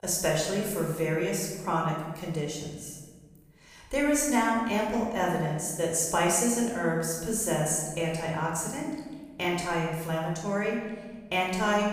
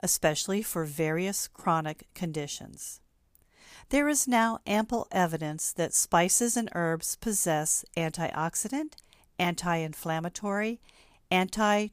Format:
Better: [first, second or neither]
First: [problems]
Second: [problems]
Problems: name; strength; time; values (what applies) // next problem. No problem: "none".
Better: second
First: off-mic speech; far // room echo; noticeable; dies away in 1.3 s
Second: none